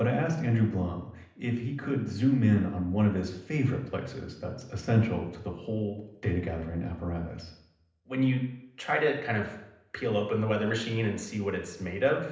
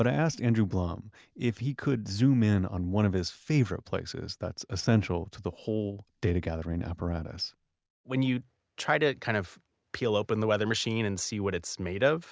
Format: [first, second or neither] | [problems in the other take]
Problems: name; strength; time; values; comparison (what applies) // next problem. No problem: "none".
second | room echo; dies away in 0.8 s